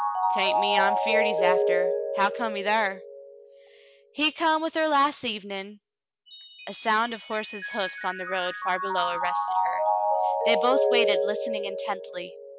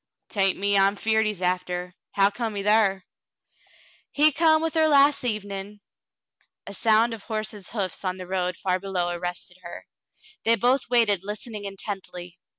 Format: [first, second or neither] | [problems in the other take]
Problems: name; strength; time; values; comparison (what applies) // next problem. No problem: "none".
second | background sound (Mallet percussion); 1 dB above the speech